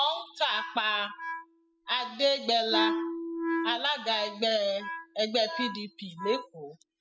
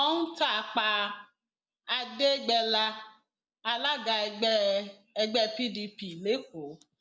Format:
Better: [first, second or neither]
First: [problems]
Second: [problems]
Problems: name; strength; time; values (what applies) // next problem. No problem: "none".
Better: second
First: noise reduction (classical method spectral subtraction)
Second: none